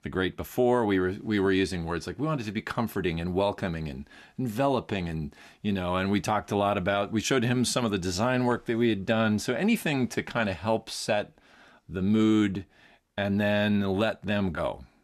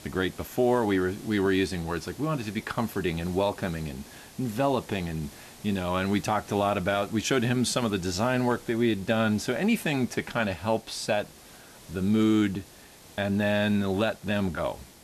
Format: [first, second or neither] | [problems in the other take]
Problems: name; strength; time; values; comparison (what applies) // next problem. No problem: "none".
first | hiss; faint; throughout; 20 dB below the speech